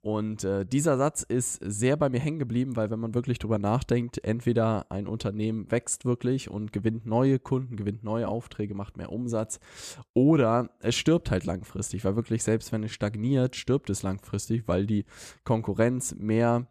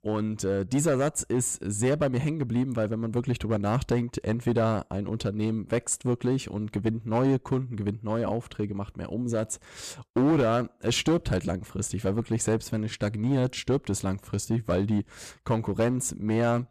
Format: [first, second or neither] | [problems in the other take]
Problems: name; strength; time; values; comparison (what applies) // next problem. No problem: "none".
first | distortion; slight; 5% of the sound clipped